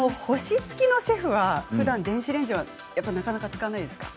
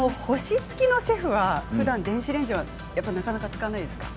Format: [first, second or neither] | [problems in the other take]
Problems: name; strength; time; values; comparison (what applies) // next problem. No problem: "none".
first | background sound (Boat, Water vehicle); 12 dB below the speech